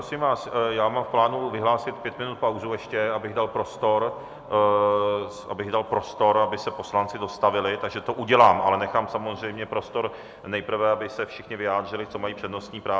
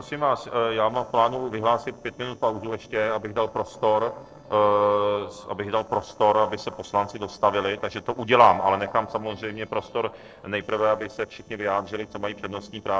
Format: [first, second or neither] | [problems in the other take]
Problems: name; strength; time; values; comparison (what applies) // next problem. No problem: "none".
first | noise reduction (neural separator model SepFormer DNS4)